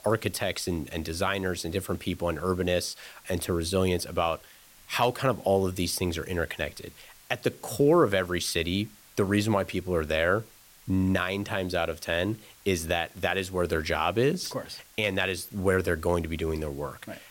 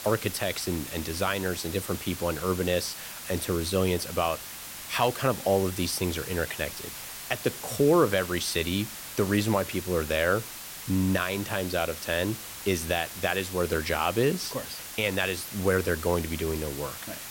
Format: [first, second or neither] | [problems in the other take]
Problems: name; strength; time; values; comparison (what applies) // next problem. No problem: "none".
first | hiss; loud; throughout; 9 dB below the speech; faint in the first